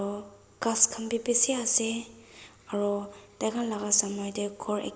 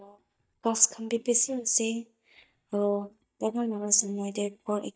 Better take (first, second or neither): first